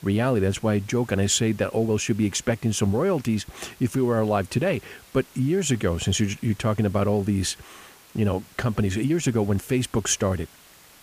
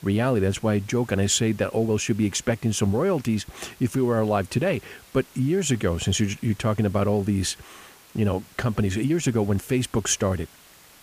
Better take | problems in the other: neither | hiss; faint; throughout; 25 dB below the speech; the same in both

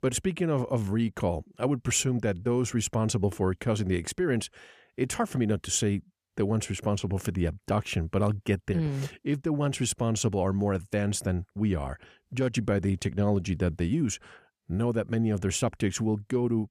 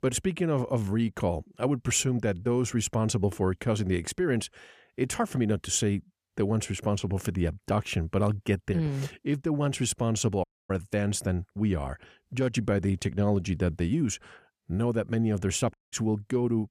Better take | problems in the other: first | audio cutting out; at 10 s and at 16 s

